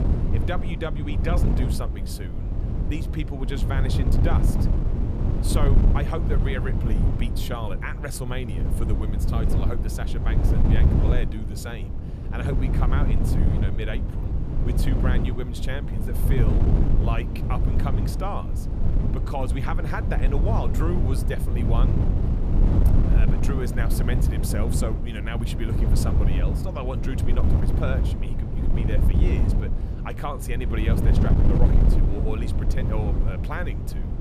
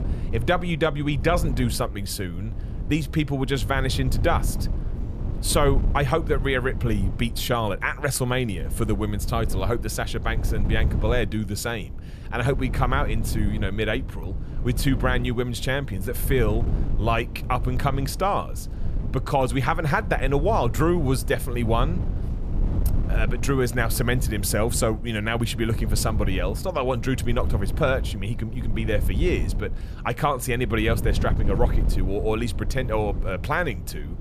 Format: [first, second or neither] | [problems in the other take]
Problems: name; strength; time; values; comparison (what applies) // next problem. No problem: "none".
second | wind noise on the microphone; heavy; 2 dB below the speech; occasional gusts in the second